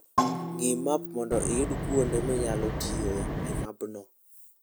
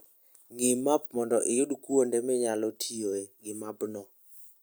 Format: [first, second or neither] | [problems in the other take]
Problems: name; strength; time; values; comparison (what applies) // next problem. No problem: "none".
second | background sound (Wind + Percussion); 1 dB above the speech